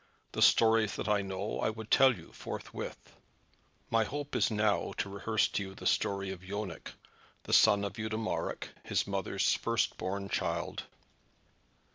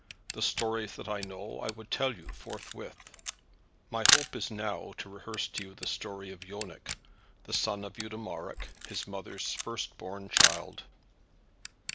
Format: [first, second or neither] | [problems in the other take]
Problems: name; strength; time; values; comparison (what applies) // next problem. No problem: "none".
first | background sound (Camera); 2 dB above the speech